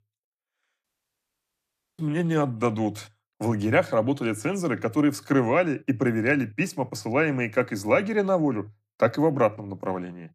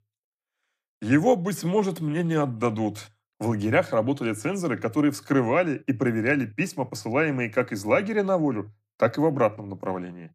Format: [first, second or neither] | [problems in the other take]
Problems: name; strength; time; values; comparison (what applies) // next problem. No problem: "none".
second | audio cutting out; at 1 s for 1 s